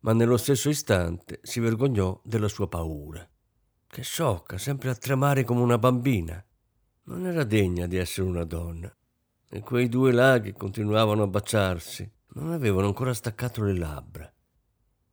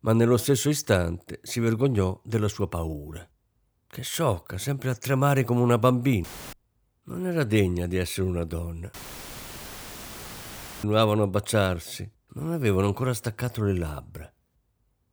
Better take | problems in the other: first | audio cutting out; filled with static; at 6 s and at 9 s for 2 s

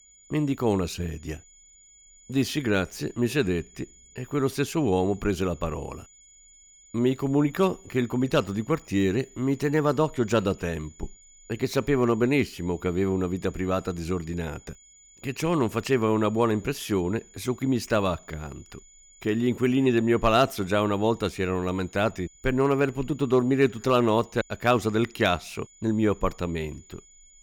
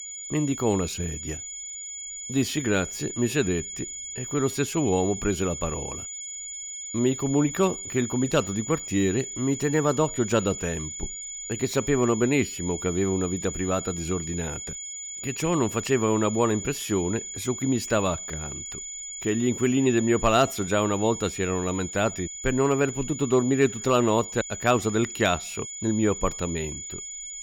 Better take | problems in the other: first | high-pitched whine; loud; throughout; 7 kHz, 8 dB below the speech; faint in the first

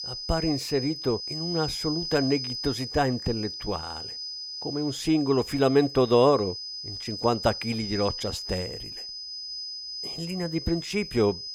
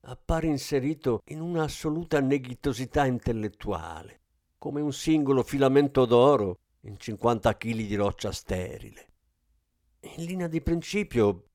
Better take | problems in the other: second | high-pitched whine; loud; throughout; 5 kHz, 7 dB below the speech

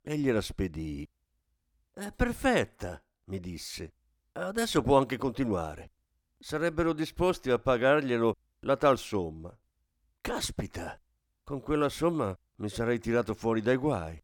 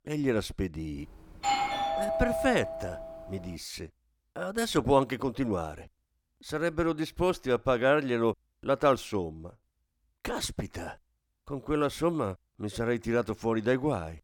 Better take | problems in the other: first | doorbell; loud; from 1.5 to 3.5 s; peak 1 dB above the speech

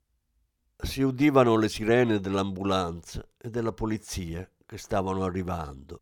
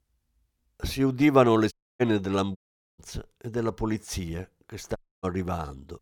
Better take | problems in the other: first | audio cutting out; at 1.5 s, at 2.5 s and at 5 s

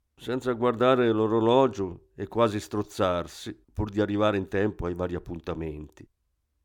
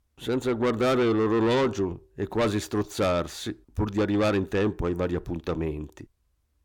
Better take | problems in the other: first | distortion; heavy; 7 dB below the speech

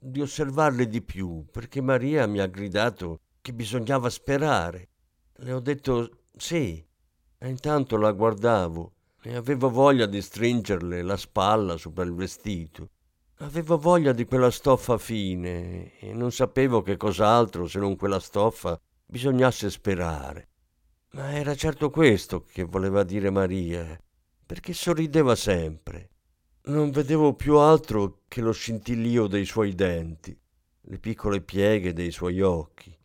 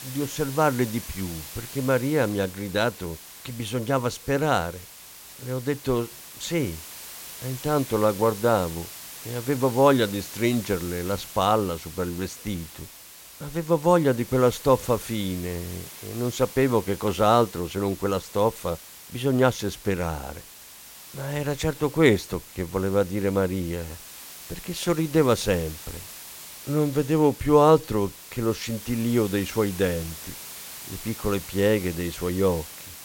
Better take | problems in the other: first | hiss; noticeable; throughout; 15 dB below the speech

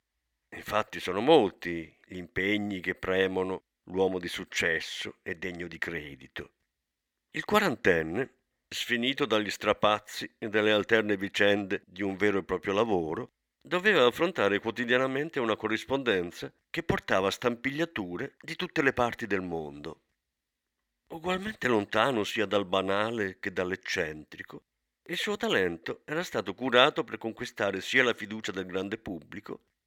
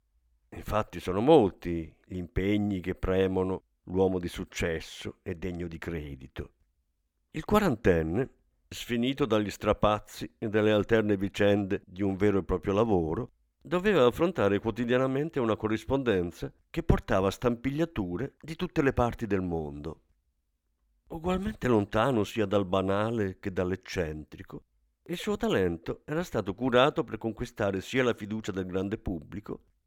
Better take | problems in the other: second | thin; very slightly; fading below 600 Hz

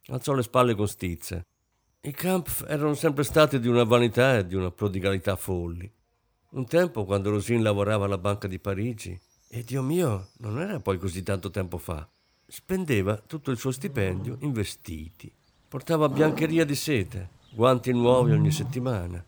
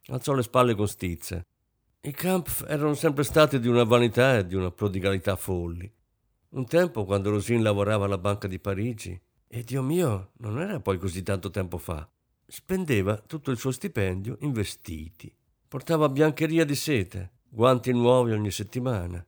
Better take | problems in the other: second | animal sounds; loud; throughout; 6 dB below the speech

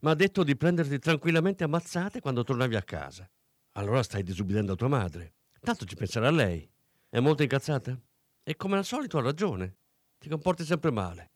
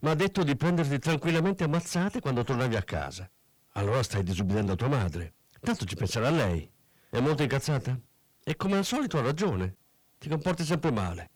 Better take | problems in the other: first | distortion; heavy; 5 dB below the speech

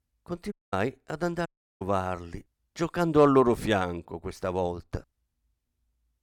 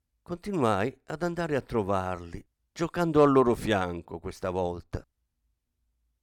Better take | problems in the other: second | audio cutting out; at 0.5 s and at 1.5 s

